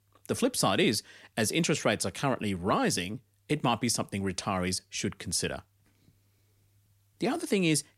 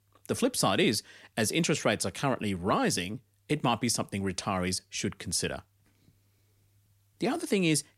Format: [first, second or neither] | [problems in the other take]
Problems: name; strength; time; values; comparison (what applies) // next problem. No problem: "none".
neither | none